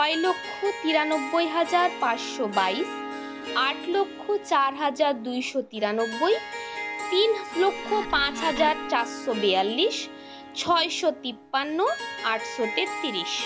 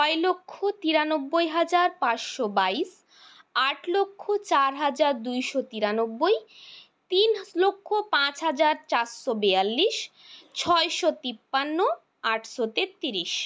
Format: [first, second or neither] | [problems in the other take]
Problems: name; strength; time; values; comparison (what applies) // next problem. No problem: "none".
second | background sound (Wood + Harp); 9 dB below the speech